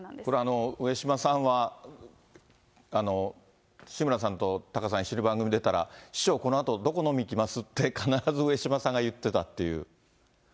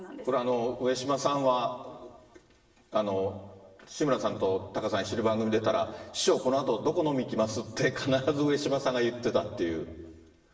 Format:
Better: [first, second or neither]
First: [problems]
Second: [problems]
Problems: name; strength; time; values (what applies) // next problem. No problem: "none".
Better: first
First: none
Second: room echo; dies away in 1.3 s